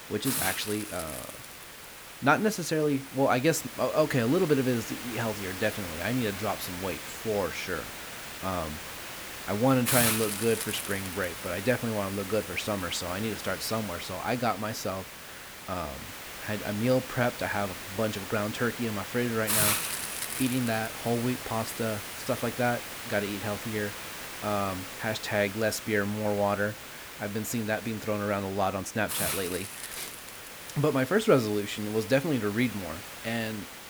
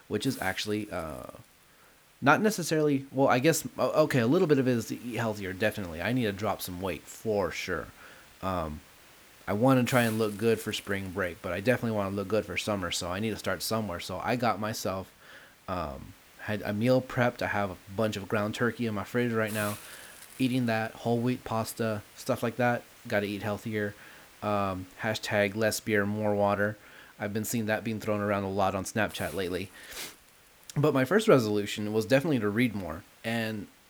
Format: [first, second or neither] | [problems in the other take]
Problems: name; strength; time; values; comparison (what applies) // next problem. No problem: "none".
second | hiss; loud; throughout; 5 dB below the speech; faint in the second